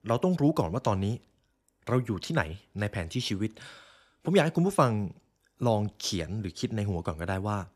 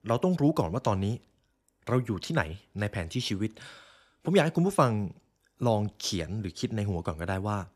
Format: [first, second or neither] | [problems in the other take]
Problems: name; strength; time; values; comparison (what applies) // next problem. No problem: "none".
neither | none